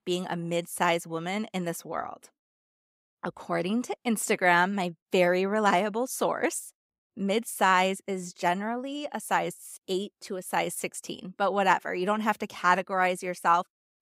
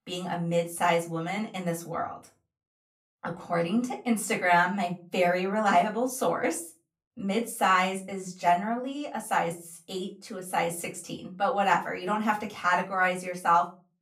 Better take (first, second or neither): first